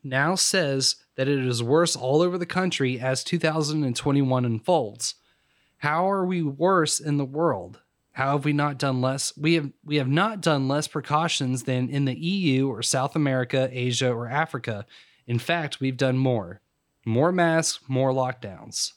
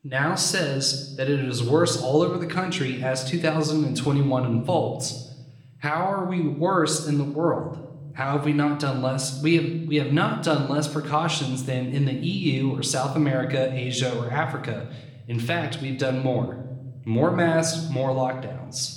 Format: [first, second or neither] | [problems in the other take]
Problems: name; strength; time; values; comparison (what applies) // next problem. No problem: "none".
first | room echo; slight; dies away in 0.8 s